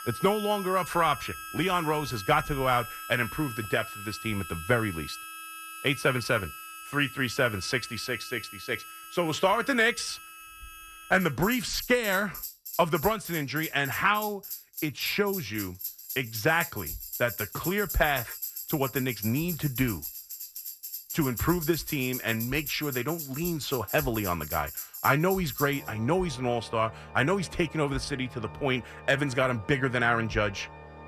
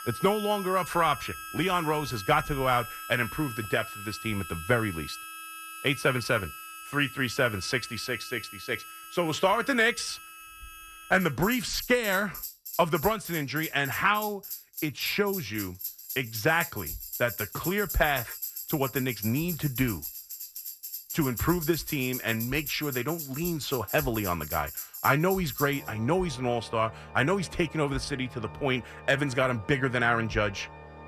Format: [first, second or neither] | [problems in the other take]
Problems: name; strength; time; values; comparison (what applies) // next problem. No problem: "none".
neither | background music; noticeable; throughout; 10 dB below the speech; the same in both